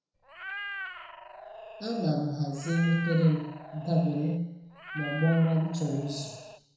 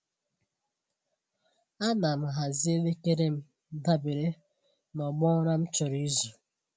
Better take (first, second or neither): second